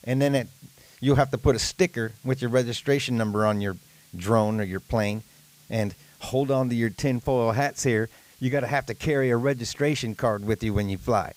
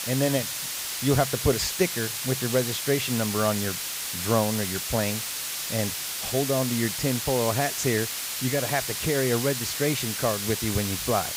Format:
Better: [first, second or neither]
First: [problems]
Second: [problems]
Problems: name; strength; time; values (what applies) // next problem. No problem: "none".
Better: first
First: hiss; faint; throughout; 30 dB below the speech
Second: hiss; loud; throughout; 2 dB below the speech